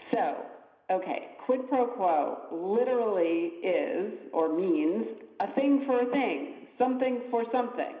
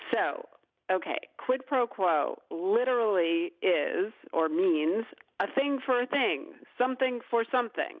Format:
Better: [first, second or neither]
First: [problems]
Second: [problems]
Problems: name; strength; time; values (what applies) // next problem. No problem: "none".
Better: second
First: room echo; dies away in 0.9 s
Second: none